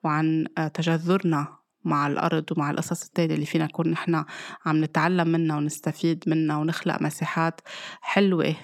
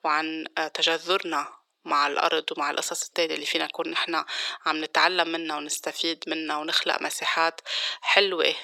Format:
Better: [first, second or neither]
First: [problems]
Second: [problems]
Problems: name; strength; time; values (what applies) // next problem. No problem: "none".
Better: first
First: none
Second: thin; very; fading below 450 Hz